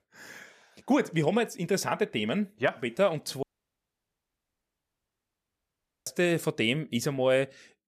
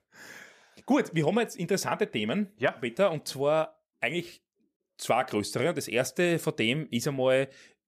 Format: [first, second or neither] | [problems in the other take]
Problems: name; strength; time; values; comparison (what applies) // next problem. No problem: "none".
second | audio cutting out; at 3.5 s for 2.5 s